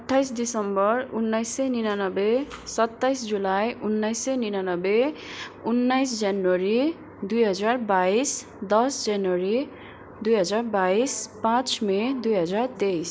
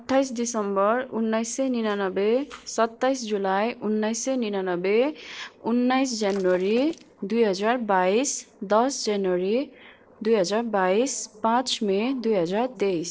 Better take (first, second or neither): first